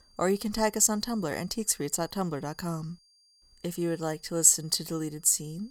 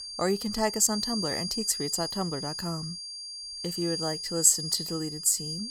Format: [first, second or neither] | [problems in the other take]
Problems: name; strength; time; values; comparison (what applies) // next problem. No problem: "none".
first | high-pitched whine; loud; throughout; 4.5 kHz, 6 dB below the speech; faint in the first